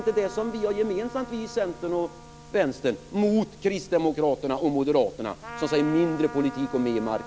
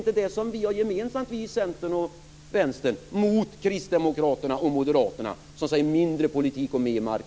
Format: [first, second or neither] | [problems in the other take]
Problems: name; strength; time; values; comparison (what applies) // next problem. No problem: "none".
second | background sound (Trumpet); 17 dB below the speech